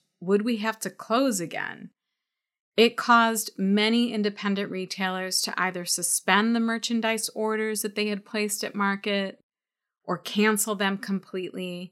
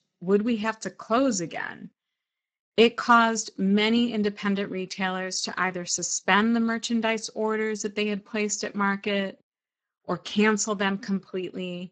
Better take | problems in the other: first | garbled, watery; badly; nothing above 7.5 kHz

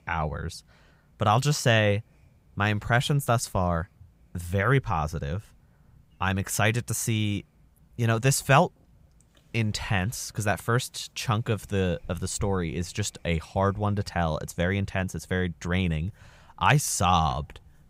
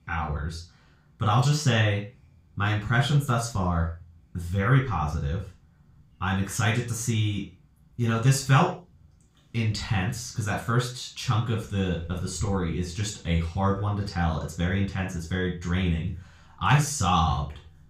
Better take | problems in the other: first | room echo; noticeable; dies away in 0.3 s // off-mic speech; far

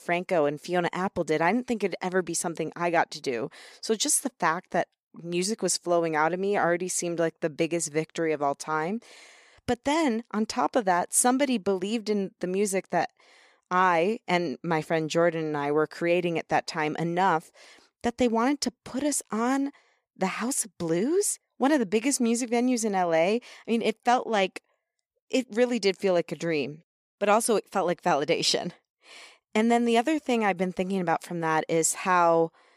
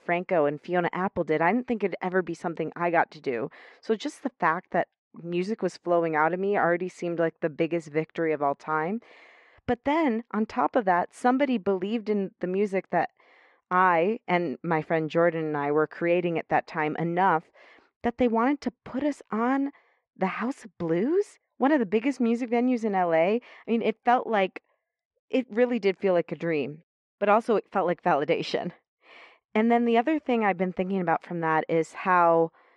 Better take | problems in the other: first | muffled; very; fading above 2 kHz

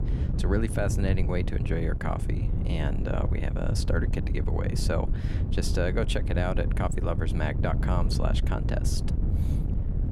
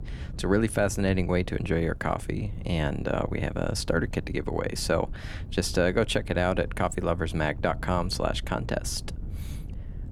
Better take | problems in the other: second | wind noise on the microphone; heavy; 8 dB below the speech; occasional gusts in the second

